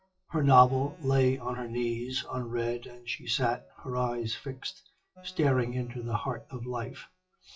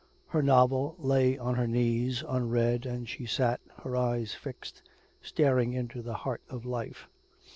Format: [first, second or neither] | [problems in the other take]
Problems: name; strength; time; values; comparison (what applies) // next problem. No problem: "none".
second | noise reduction (classical method WPE with log-MMSE)